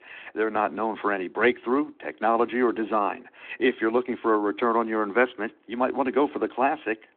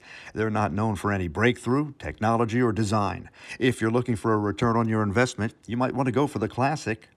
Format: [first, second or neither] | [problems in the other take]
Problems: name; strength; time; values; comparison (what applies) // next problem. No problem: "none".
second | phone-call audio